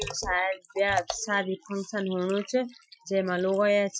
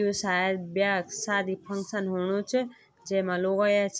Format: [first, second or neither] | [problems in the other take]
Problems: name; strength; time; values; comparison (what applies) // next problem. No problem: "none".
second | noise reduction (classical method Wiener filter)